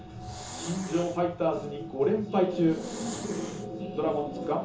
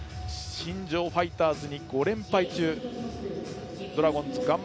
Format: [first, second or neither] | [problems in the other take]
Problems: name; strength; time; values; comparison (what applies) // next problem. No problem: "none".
second | background sound (Hiss); 15 dB below the speech // room echo; dies away in 0.6 s